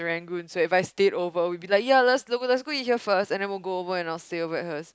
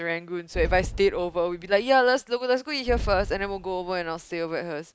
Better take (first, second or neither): first